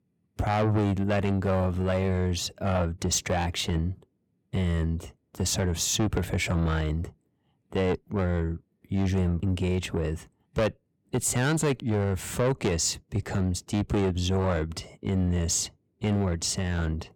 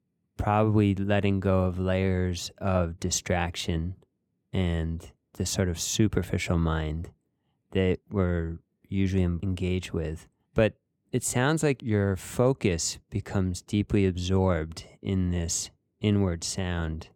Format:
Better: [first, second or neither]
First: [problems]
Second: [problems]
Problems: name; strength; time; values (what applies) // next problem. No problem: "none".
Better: second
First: distortion; heavy; 7 dB below the speech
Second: none